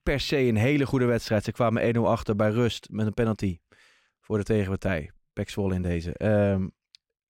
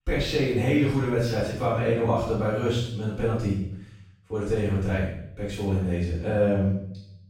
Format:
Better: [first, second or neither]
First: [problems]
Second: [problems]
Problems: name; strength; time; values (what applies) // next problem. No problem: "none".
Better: first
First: none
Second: off-mic speech; far // room echo; strong; dies away in 0.7 s